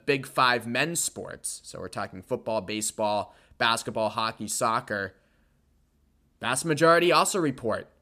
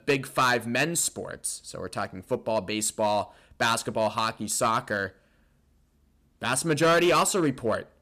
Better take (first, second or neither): first